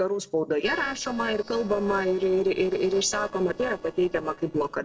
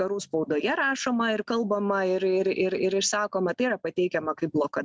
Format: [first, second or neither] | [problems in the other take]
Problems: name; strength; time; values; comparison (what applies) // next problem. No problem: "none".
second | noise reduction (neural separator model SepFormer DNS4)